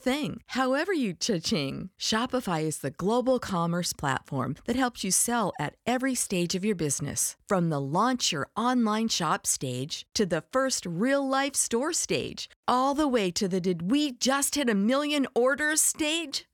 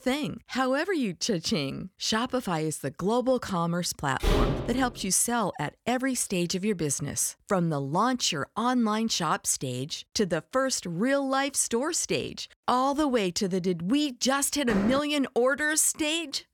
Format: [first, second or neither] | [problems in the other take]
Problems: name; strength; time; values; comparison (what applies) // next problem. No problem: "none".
first | door banging; loud; at 4 s; peak level with the speech // door banging; noticeable; at 15 s; peak 6 dB below the speech